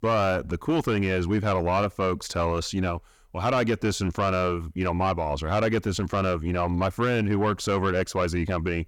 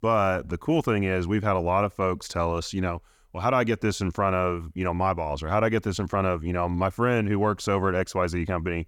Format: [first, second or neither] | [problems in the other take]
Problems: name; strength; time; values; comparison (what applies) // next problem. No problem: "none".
second | distortion; slight; 10 dB below the speech